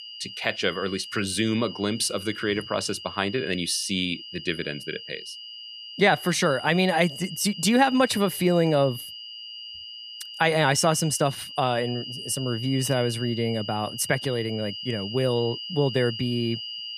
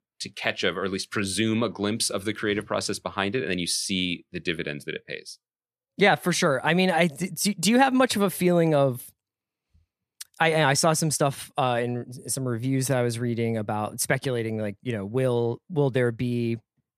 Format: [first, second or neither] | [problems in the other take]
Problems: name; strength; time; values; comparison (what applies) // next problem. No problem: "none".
second | high-pitched whine; noticeable; throughout; 3 kHz, 10 dB below the speech